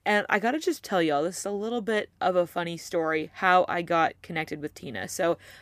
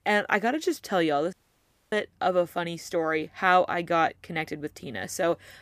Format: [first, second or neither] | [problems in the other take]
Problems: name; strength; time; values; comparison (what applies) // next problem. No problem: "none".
first | audio cutting out; at 1.5 s for 0.5 s